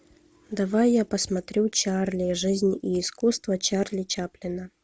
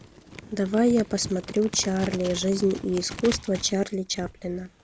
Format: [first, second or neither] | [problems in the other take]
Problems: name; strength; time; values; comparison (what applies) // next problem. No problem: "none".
first | background sound (Crumpling, crinkling); 14 dB below the speech